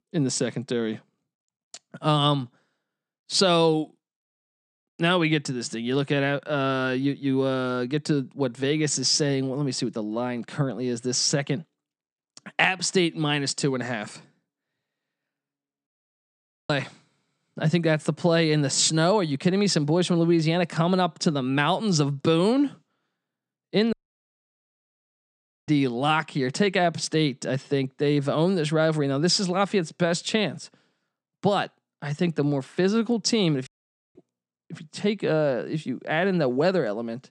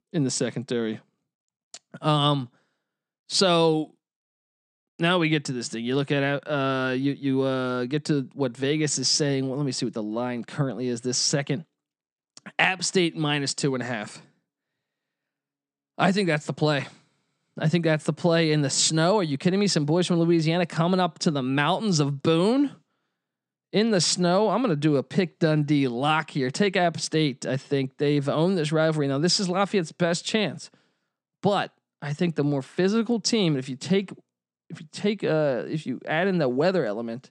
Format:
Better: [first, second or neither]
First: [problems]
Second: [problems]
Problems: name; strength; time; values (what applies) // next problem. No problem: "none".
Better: second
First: audio cutting out; at 16 s for 1 s, at 24 s for 2 s and at 34 s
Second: none